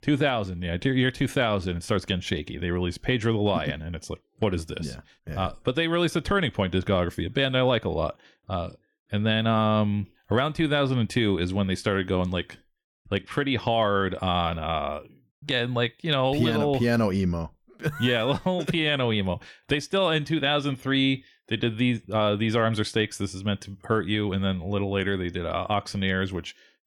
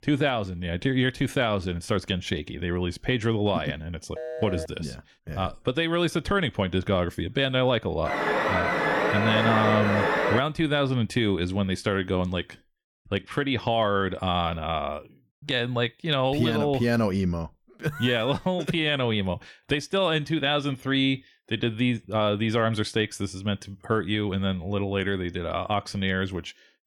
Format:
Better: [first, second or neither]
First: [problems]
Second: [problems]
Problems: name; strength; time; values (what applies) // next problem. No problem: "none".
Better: first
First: none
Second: phone ringing; noticeable; at 4 s; peak 8 dB below the speech // alarm; loud; from 8 to 10 s; peak 3 dB above the speech